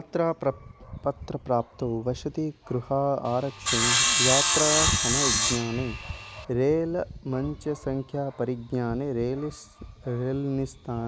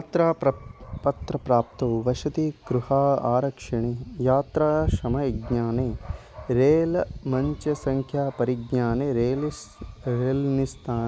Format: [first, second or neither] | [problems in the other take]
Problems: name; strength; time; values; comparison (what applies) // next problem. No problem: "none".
second | background sound (Sawing); 4 dB above the speech